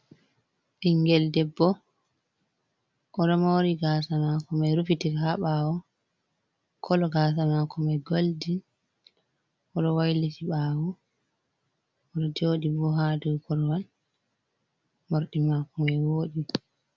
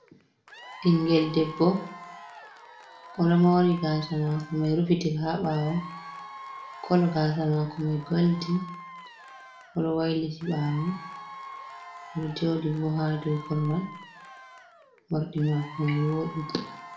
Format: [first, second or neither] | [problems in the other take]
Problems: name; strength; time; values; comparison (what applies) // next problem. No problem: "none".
first | background sound (Applause / Crowd / Cheering); 16 dB below the speech // room echo; dies away in 0.4 s